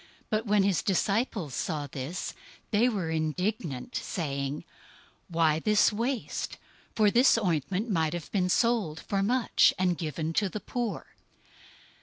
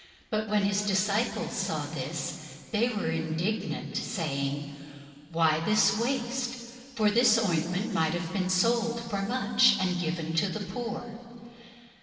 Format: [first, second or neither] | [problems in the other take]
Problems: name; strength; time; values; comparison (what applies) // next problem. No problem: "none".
first | room echo; dies away in 2.5 s